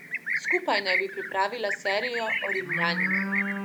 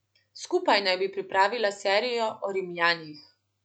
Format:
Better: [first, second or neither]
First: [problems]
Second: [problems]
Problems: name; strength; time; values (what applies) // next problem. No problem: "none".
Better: second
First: background sound (Livestock, farm animals, working animals); 1 dB above the speech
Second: none